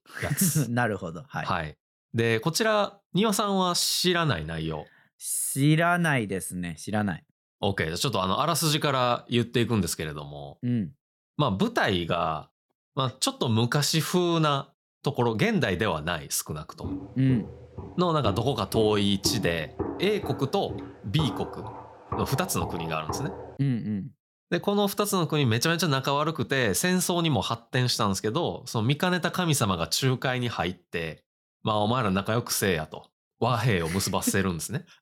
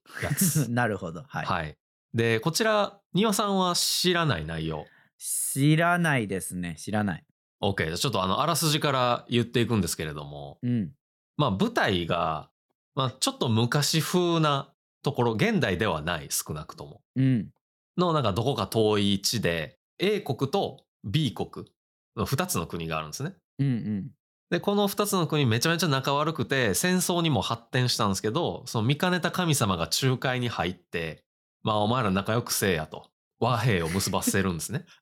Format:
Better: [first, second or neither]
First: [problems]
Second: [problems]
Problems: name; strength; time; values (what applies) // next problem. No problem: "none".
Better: second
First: footsteps; noticeable; from 17 to 24 s; peak 7 dB below the speech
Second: none